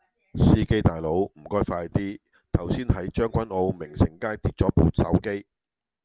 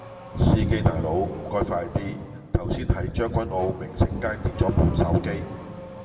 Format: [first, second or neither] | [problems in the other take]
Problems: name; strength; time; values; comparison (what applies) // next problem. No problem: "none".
first | background sound (Accelerating, revving, vroom / Car); 17 dB below the speech // room echo; dies away in 1.4 s